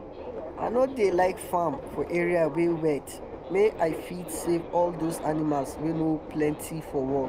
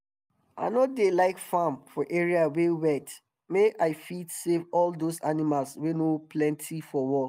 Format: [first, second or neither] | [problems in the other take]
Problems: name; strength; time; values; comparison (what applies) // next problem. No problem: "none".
second | background sound (Subway, metro, underground); 10 dB below the speech